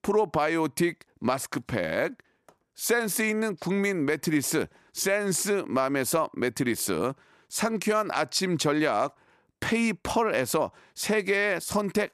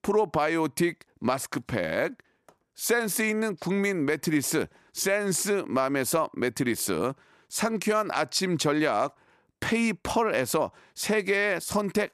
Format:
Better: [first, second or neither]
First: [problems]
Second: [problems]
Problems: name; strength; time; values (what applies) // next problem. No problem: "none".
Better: neither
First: none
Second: none